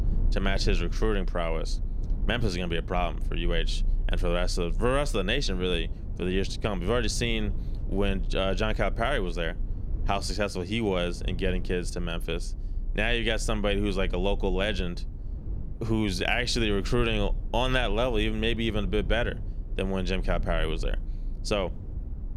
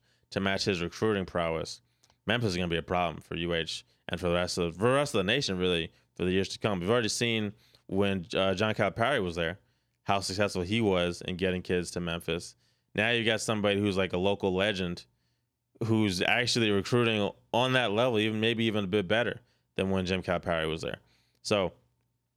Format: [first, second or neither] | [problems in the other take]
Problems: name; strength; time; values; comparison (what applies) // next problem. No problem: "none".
second | low rumble; faint; throughout; 20 dB below the speech